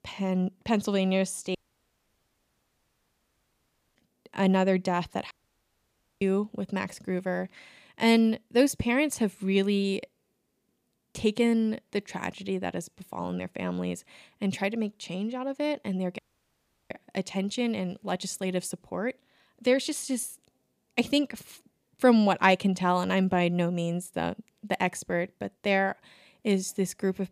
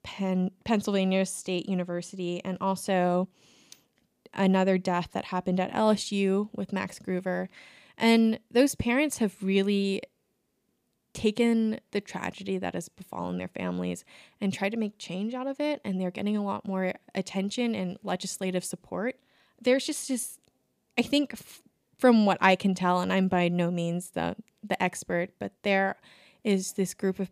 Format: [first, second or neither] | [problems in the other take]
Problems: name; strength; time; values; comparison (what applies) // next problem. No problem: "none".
second | audio cutting out; at 1.5 s for 2.5 s, at 5.5 s for 1 s and at 16 s for 0.5 s